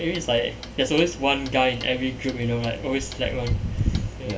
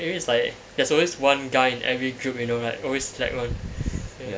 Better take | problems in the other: second | background sound (Clock); 15 dB below the speech // room echo; dies away in 0.2 s

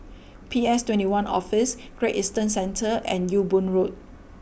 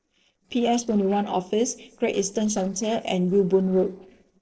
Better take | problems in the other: first | noise reduction (neural separator model SepFormer DNS4)

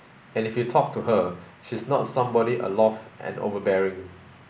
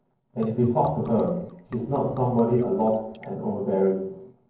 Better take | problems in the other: first | noise reduction (neural separator model SepFormer DNS4)

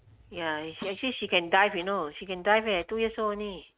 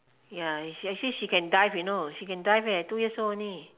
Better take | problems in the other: second | noise reduction (neural mask model RNNoise)

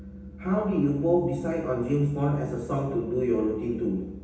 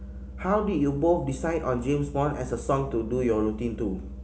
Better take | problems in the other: second | room echo; dies away in 0.9 s

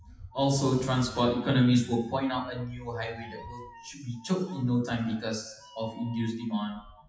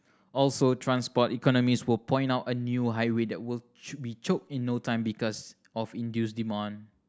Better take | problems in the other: second | noise reduction (classical method WPE with log-MMSE)

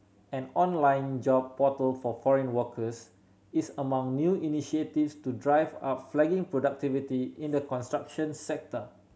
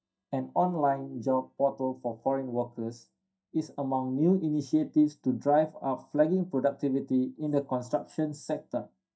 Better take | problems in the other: first | noise reduction (neural mask model DeepFilterNet 3)

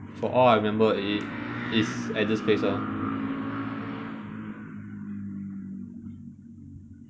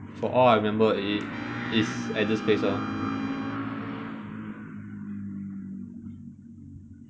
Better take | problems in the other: first | background sound (Trumpet); 19 dB below the speech

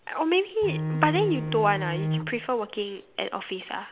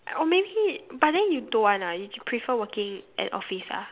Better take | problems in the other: second | background sound (Bowed string instrument); 3 dB below the speech

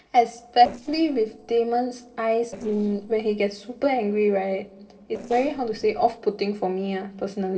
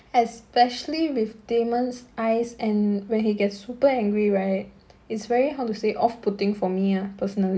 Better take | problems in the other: second | noise reduction (neural separator model SepFormer DNS4)

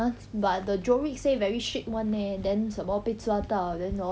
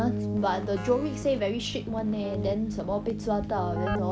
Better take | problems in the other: first | background sound (Keyboard (musical)); 4 dB below the speech

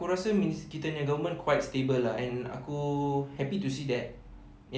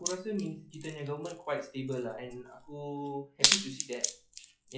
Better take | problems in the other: first | noise reduction (classical method log-MMSE)

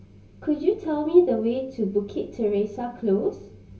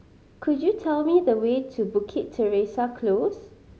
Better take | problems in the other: second | room echo; dies away in 0.3 s

